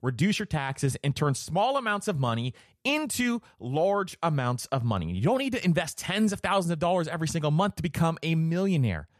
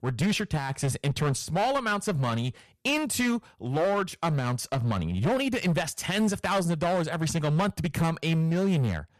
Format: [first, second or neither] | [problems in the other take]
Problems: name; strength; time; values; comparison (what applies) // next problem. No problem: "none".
first | distortion; slight; 14% of the sound clipped